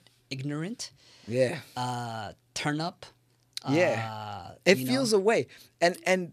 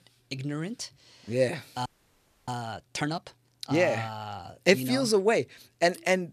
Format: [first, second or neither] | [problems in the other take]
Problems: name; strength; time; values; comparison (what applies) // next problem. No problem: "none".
first | audio freezing; at 2 s for 0.5 s